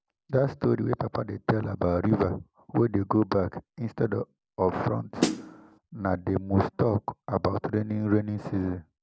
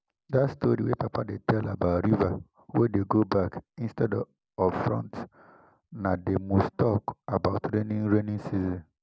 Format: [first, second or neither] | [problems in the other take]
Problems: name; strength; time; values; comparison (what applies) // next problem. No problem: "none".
second | background sound (Snare drum); 2 dB below the speech